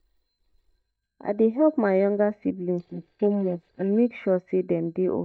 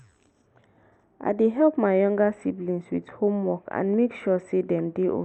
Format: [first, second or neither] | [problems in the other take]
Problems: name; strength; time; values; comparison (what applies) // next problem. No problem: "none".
second | noise reduction (neural mask model DeepFilterNet 3)